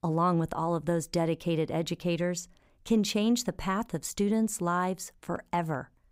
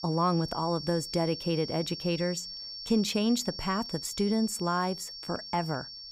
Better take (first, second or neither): first